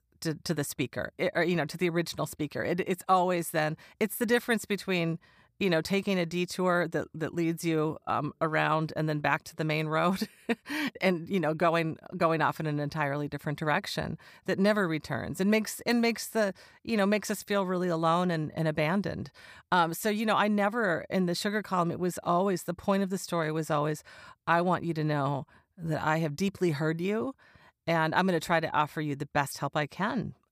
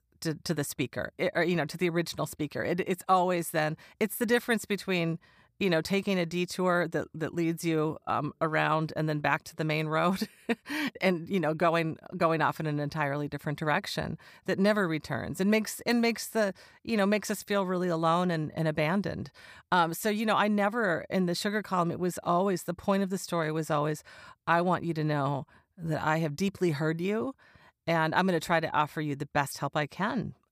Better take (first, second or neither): neither